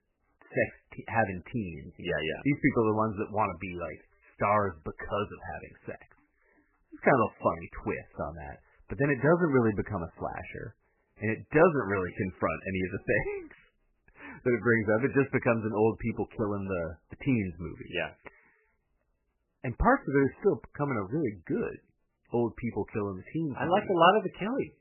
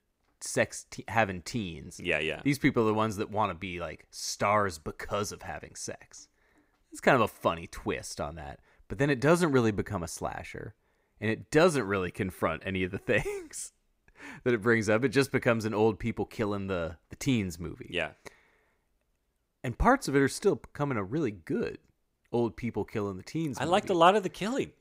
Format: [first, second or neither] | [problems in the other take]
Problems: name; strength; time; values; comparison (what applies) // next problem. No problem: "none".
second | garbled, watery; badly; nothing above 3 kHz